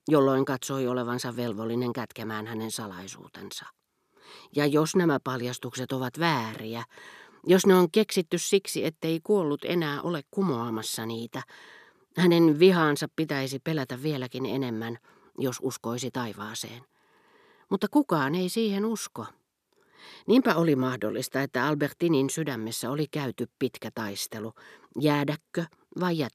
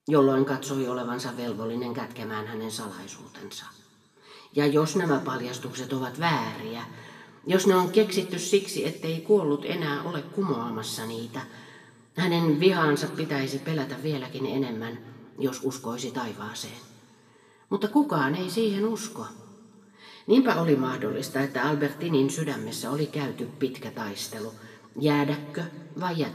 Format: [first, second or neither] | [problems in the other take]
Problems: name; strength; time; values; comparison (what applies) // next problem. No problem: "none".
first | room echo; slight; dies away in 1.3 s // off-mic speech; somewhat distant